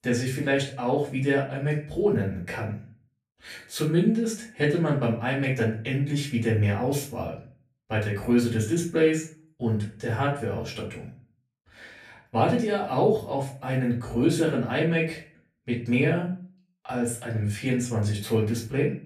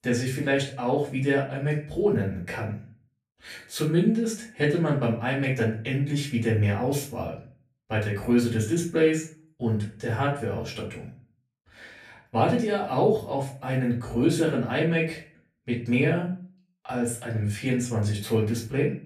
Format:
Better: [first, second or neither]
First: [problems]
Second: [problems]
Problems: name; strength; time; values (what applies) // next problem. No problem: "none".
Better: neither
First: off-mic speech; far // room echo; slight; dies away in 0.3 s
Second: off-mic speech; far // room echo; slight; dies away in 0.3 s